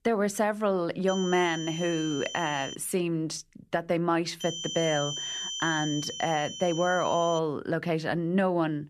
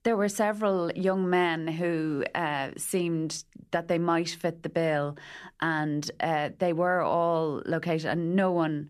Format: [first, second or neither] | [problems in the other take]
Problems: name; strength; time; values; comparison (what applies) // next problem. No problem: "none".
second | high-pitched whine; loud; from 1 to 3 s and from 4.5 to 7.5 s; 3 kHz, 7 dB below the speech